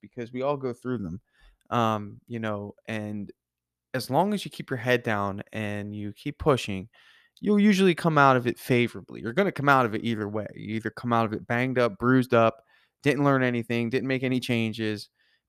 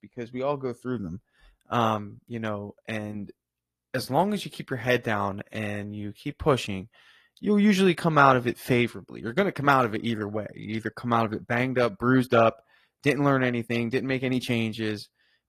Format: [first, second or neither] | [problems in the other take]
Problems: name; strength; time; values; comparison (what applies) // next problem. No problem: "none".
first | garbled, watery; slightly; nothing above 14.5 kHz